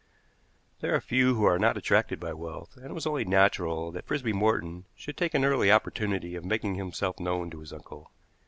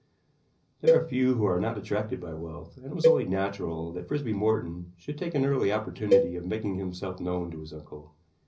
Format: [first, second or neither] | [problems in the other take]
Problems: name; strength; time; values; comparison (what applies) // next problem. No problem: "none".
first | background sound (Cowbell); as loud as the speech // room echo; dies away in 0.5 s